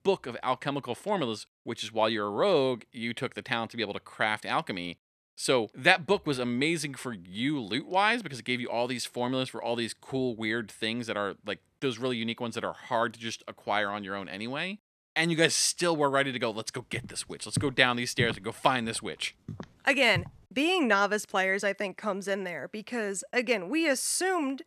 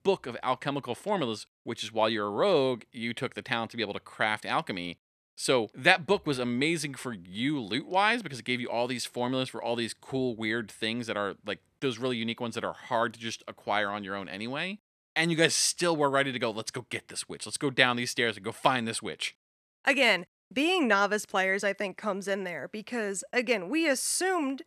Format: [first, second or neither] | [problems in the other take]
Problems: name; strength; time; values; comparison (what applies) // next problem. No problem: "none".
second | footsteps; noticeable; from 17 to 20 s; peak 7 dB below the speech